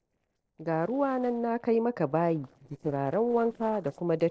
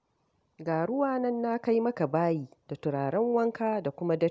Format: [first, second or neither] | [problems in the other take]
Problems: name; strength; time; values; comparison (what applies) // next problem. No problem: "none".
second | noise reduction (neural separator model SepFormer DNS4)